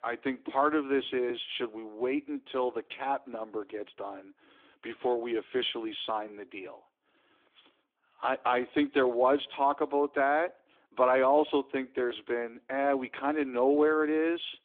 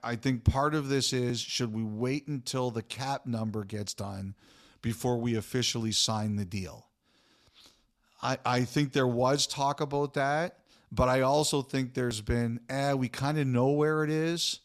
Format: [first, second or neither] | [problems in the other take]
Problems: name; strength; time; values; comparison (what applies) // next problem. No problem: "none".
second | phone-call audio; nothing above 3.5 kHz